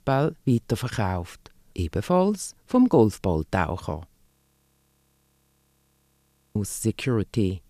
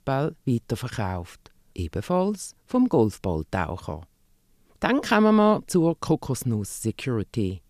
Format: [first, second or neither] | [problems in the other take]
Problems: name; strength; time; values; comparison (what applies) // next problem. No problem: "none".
second | audio freezing; at 4.5 s for 2.5 s